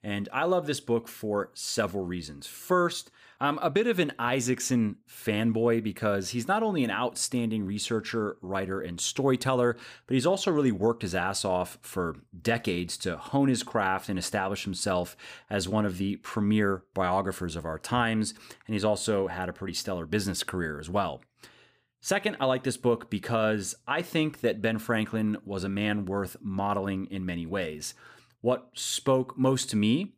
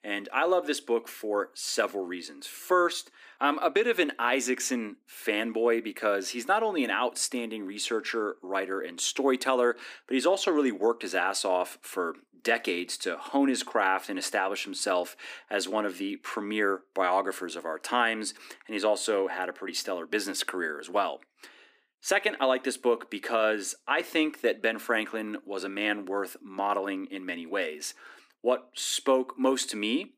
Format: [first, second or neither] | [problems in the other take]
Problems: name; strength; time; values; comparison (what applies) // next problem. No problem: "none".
first | thin; very slightly; fading below 300 Hz